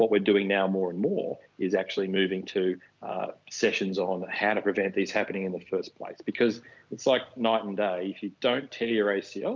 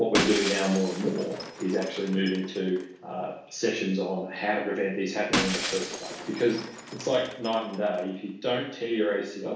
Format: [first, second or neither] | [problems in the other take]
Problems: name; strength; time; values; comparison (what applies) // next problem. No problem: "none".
first | background sound (Shatter); 8 dB below the speech // room echo; dies away in 0.6 s